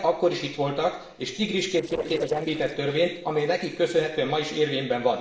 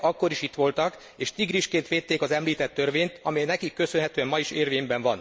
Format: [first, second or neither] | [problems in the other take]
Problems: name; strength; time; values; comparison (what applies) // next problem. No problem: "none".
second | noise reduction (neural separator model SepFormer DNS4)